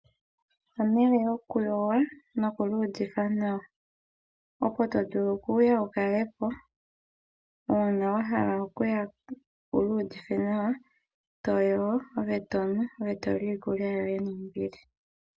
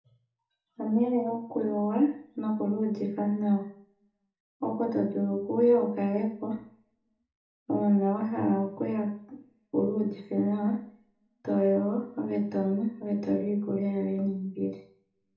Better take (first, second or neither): first